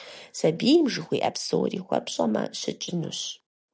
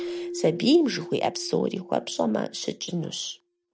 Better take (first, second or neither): first